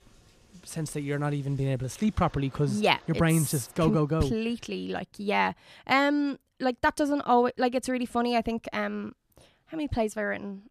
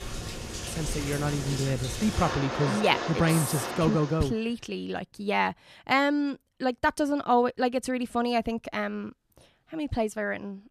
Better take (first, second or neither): first